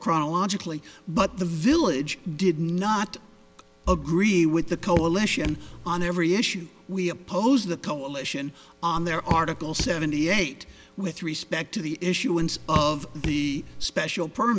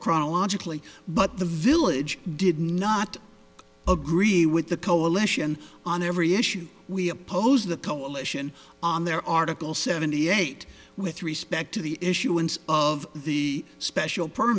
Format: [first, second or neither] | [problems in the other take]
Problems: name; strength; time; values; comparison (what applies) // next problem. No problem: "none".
second | background sound (Raindrop / Drip); 7 dB below the speech